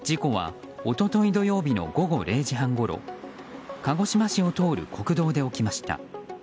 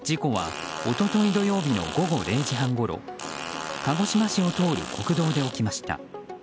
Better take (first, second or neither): first